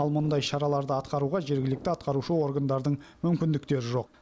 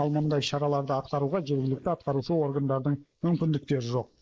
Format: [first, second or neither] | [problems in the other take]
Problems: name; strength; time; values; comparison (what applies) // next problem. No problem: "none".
first | noise reduction (neural mask model Resemble Enhance denoiser)